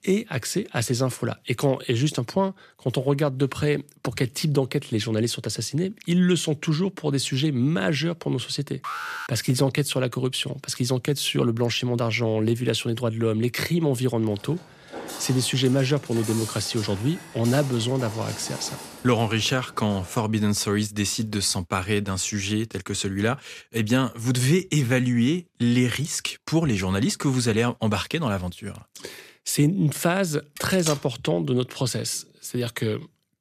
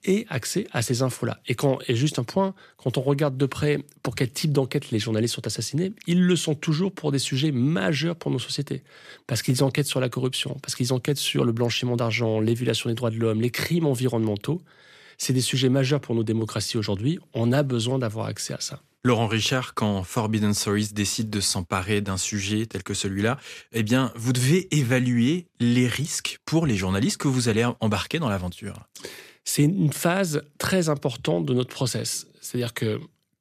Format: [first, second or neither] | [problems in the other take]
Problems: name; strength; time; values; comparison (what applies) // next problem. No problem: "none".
second | alarm; noticeable; at 9 s; peak 7 dB below the speech // footsteps; noticeable; from 14 to 20 s; peak 8 dB below the speech // clattering dishes; noticeable; at 31 s; peak 5 dB below the speech